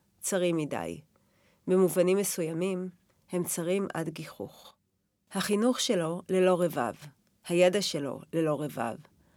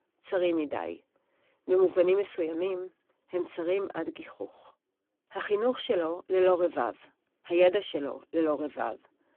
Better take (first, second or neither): first